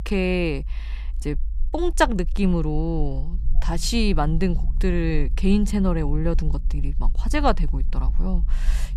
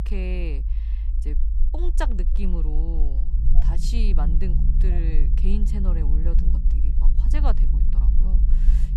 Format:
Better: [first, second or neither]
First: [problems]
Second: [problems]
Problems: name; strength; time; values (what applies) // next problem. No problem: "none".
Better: first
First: low rumble; faint; throughout; 25 dB below the speech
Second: low rumble; loud; throughout; 7 dB below the speech